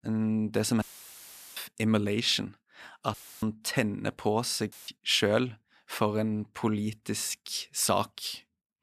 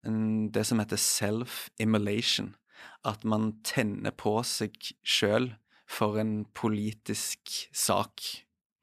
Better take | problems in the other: second | audio cutting out; filled with static; at 1 s for 0.5 s, at 3 s and at 4.5 s

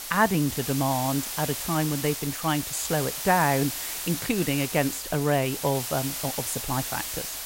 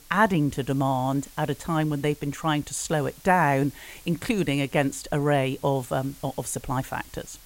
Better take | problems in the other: second | hiss; loud; throughout; 4 dB below the speech; faint in the second

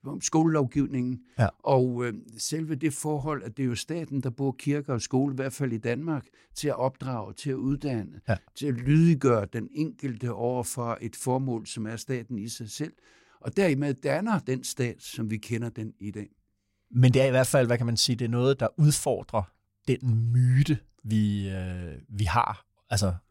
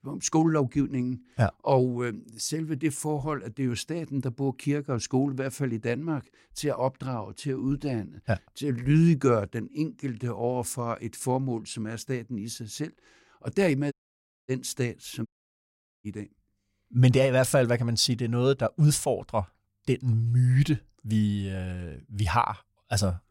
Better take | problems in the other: first | audio cutting out; at 14 s for 0.5 s and at 15 s for 1 s

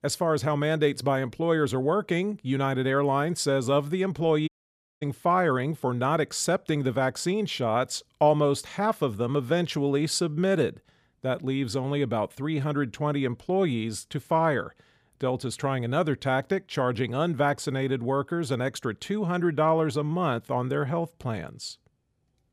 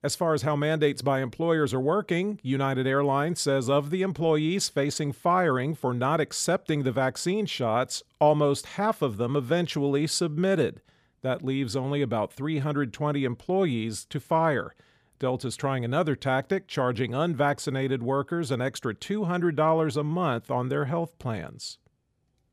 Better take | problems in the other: second | audio cutting out; at 4.5 s for 0.5 s

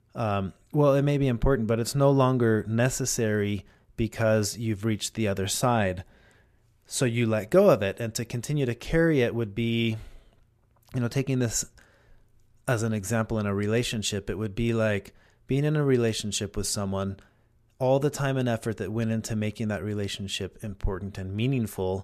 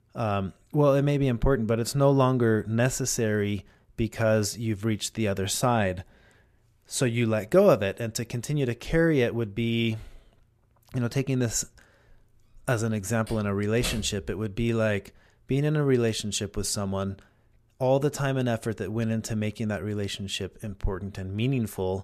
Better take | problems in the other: first | door banging; noticeable; from 13 to 14 s; peak 8 dB below the speech

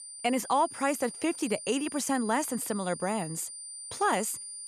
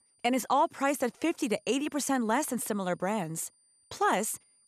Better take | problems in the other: second | high-pitched whine; loud; throughout; 9 kHz, 10 dB below the speech; faint in the second

